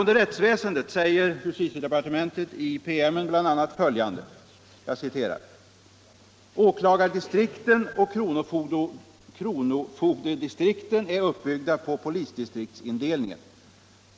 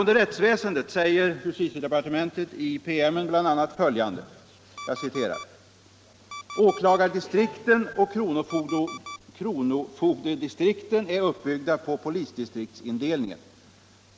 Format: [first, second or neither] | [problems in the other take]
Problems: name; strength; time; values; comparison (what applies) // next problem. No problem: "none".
first | background sound (Alarm + Bowed string instrument); 17 dB below the speech